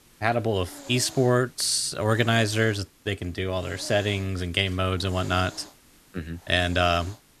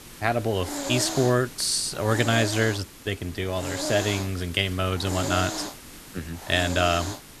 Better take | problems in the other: first | hiss; loud; throughout; 8 dB below the speech; faint in the first

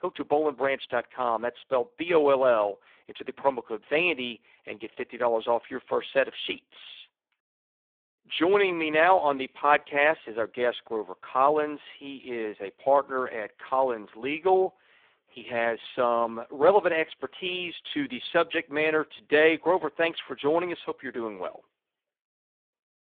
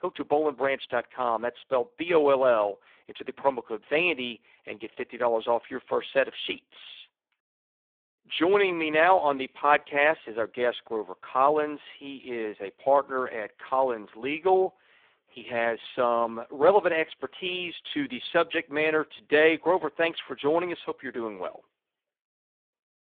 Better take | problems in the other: neither | phone-call audio; poor line; the same in both

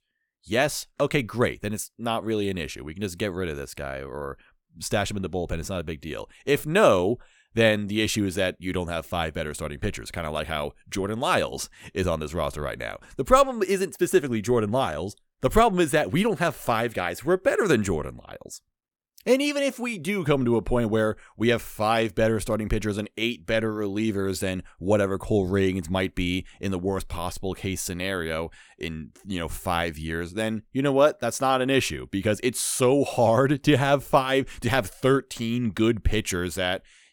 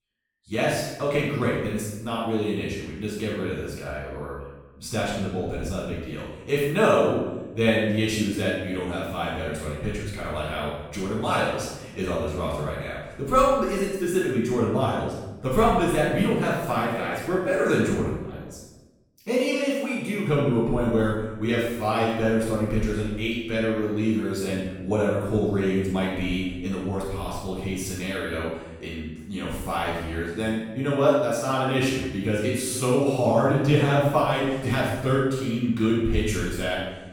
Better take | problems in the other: first | room echo; strong; dies away in 1 s // off-mic speech; far

